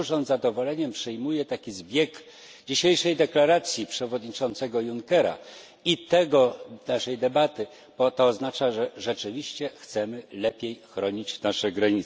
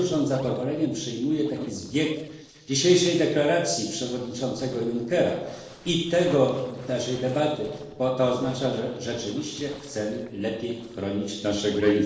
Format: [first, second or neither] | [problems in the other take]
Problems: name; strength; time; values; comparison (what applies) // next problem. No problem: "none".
first | noise reduction (neural separator model SepFormer DNS4)